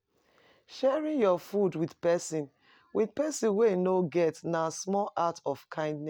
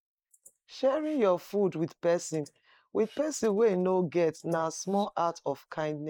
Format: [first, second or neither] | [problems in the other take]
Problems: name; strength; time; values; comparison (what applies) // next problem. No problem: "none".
first | noise reduction (neural mask model Resemble Enhance denoiser)